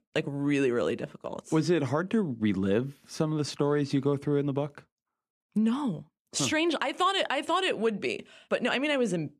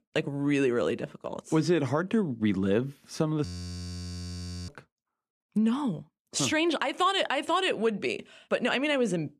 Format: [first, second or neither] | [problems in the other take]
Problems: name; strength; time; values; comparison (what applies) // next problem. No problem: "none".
first | audio freezing; at 3.5 s for 1 s